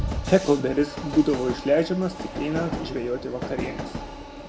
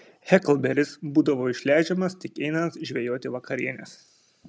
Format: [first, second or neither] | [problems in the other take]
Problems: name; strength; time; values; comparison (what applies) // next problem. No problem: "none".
second | background sound (Train); 8 dB below the speech // room echo; dies away in 0.4 s